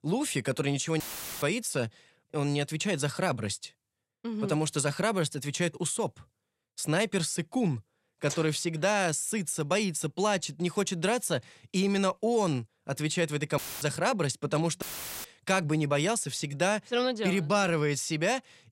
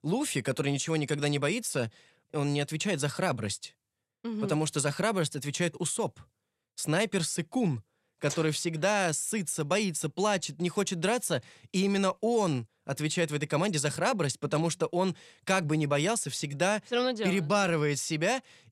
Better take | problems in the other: second | audio cutting out; filled with static; at 1 s, at 14 s and at 15 s

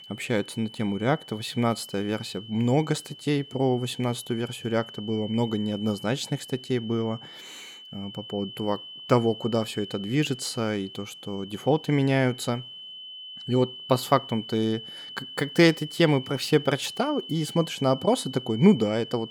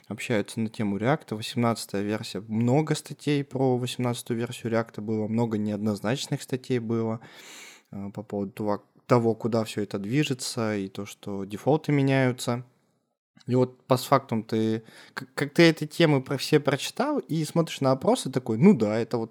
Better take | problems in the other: second | high-pitched whine; noticeable; throughout; 3 kHz, 15 dB below the speech

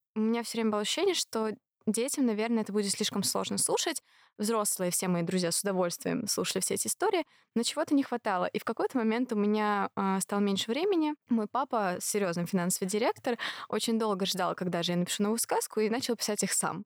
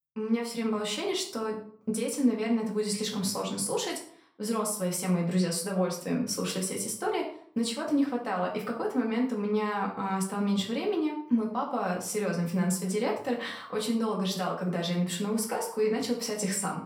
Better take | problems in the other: first | room echo; slight; dies away in 0.4 s // off-mic speech; far

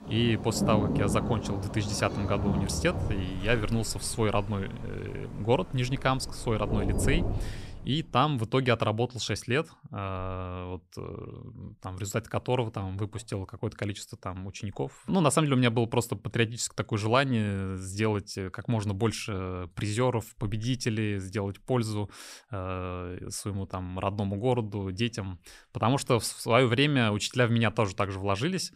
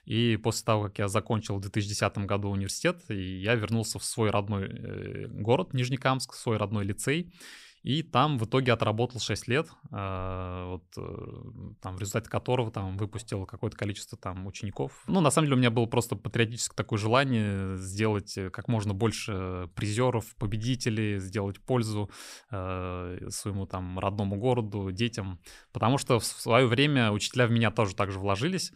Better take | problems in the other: second | rain or running water; loud; until 7.5 s; 4 dB below the speech

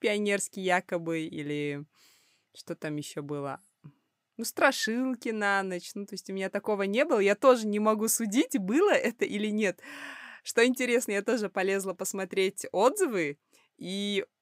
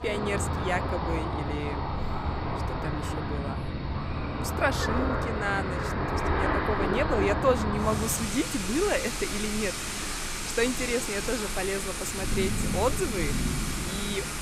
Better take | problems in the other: first | rain or running water; very loud; throughout; as loud as the speech

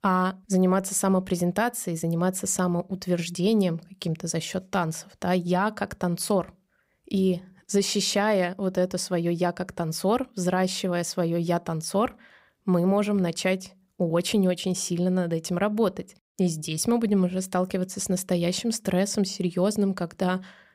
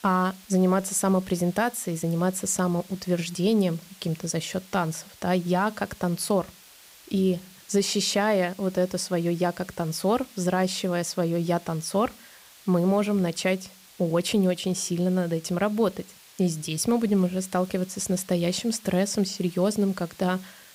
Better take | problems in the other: first | hiss; faint; throughout; 20 dB below the speech

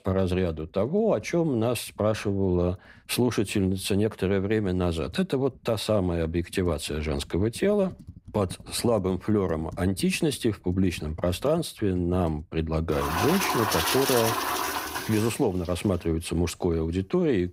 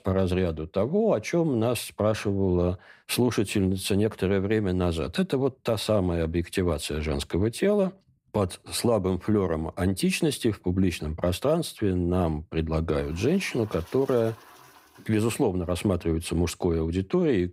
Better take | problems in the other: second | household noises; loud; throughout; 3 dB below the speech; faint in the second

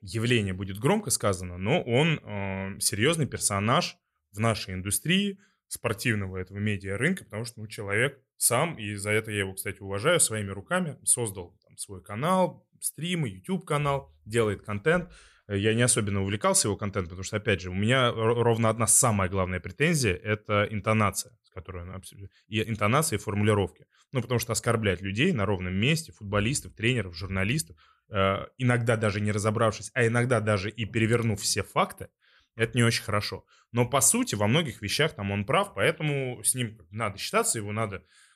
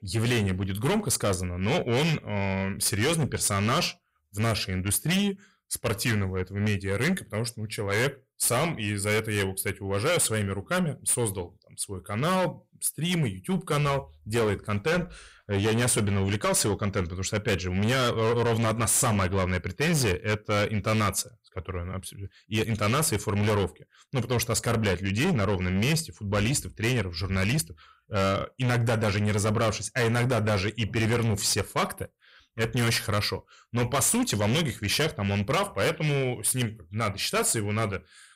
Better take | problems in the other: first | distortion; heavy; 6 dB below the speech

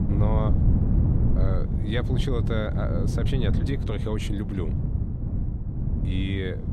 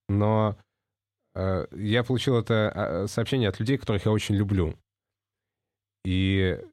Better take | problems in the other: second | wind noise on the microphone; heavy; 4 dB below the speech

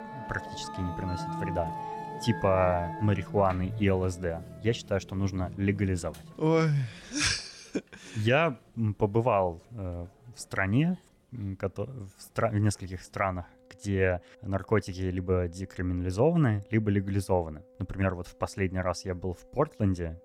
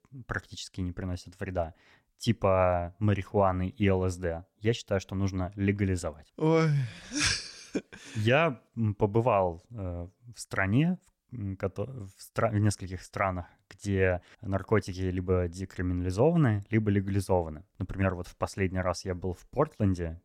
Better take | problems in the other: second | background music; loud; throughout; 10 dB below the speech

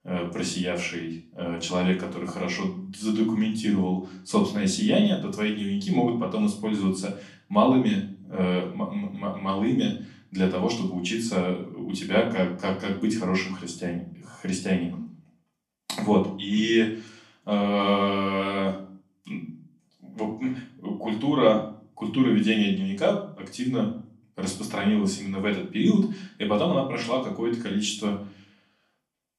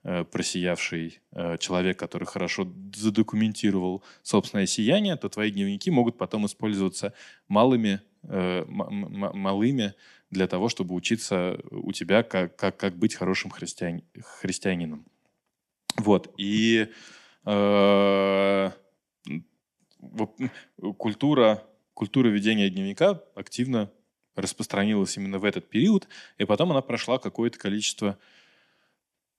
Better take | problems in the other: second | off-mic speech; far // room echo; slight; dies away in 0.4 s

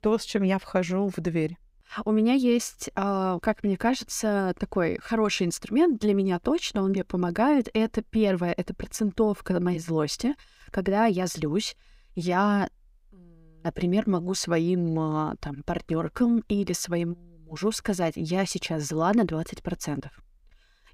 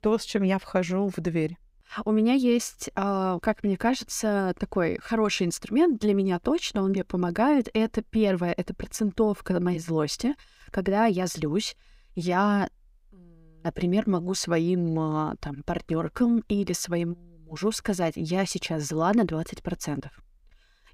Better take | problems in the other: neither | none

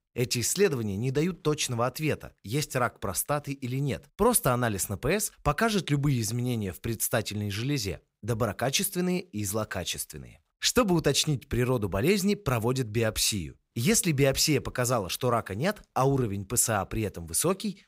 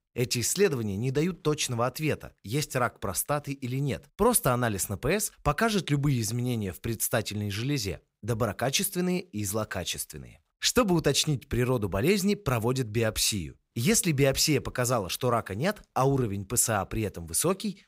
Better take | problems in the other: neither | none

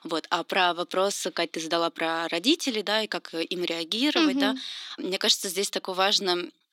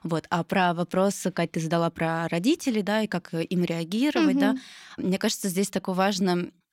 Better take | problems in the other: second | thin; very slightly; fading below 300 Hz

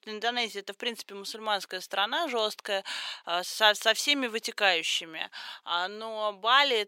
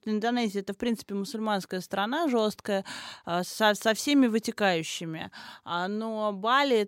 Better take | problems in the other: second | thin; somewhat; fading below 550 Hz

